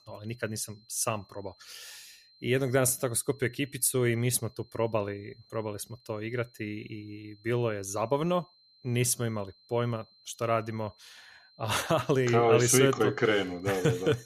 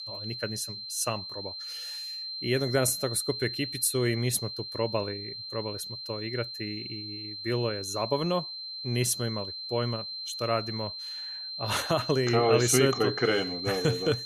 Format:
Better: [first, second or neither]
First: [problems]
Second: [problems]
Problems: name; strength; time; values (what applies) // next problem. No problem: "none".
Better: first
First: high-pitched whine; faint; throughout; 4 kHz, 30 dB below the speech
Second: high-pitched whine; loud; throughout; 4 kHz, 6 dB below the speech